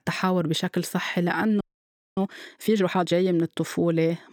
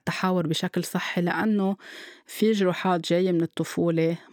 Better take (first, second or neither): second